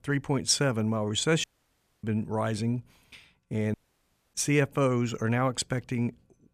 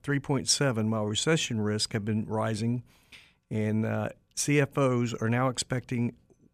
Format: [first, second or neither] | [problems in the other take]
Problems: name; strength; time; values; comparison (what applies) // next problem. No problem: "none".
second | audio cutting out; at 1.5 s for 0.5 s and at 3.5 s for 0.5 s